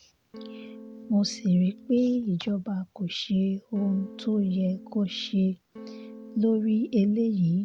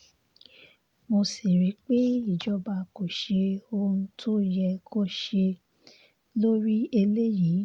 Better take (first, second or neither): second